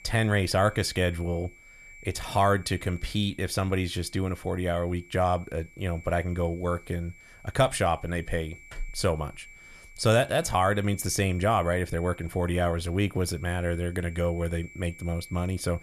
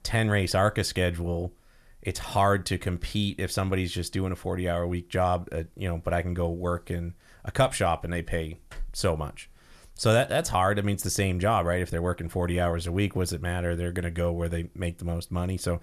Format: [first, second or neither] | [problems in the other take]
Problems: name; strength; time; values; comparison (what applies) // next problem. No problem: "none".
second | high-pitched whine; faint; throughout; 2.5 kHz, 20 dB below the speech